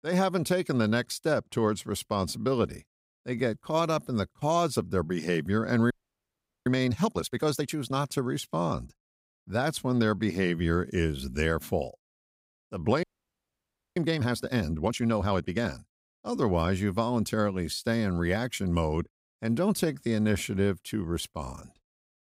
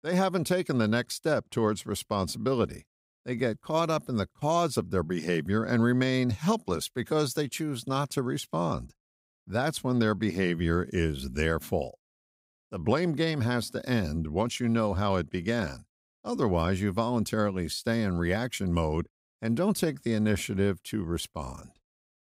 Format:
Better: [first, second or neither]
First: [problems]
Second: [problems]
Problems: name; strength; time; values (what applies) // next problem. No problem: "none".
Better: second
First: audio freezing; at 6 s for 1 s and at 13 s for 1 s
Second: none